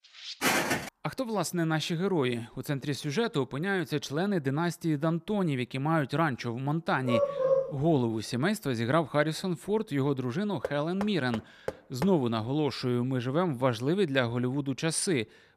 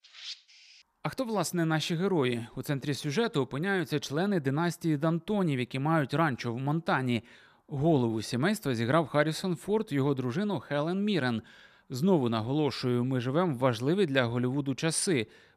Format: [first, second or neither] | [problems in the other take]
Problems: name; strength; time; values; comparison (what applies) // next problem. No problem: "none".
second | footsteps; loud; at 0.5 s; peak 3 dB above the speech // dog barking; loud; at 7 s; peak 3 dB above the speech // door banging; faint; from 11 to 12 s; peak 10 dB below the speech